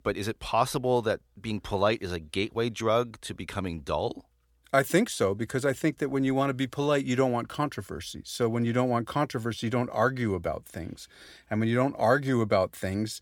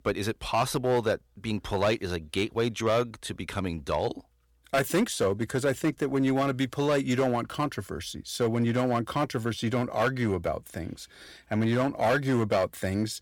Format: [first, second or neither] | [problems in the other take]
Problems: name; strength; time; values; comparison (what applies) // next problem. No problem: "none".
first | distortion; slight; 5% of the sound clipped